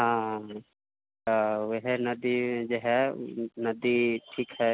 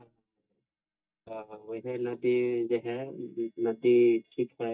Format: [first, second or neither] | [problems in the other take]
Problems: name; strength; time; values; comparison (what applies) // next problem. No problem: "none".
first | noise reduction (neural mask model DeepFilterNet 3)